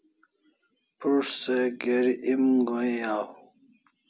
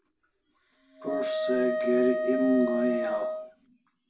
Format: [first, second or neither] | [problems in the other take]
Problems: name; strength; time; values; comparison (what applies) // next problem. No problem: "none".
first | background sound (Wind instrument, woodwind instrument); 1 dB below the speech // room echo; dies away in 0.3 s